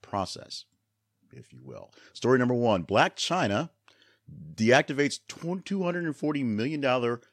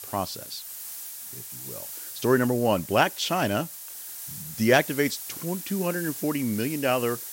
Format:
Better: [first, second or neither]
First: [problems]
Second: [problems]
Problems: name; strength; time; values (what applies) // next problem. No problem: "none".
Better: first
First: none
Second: hiss; noticeable; throughout; 10 dB below the speech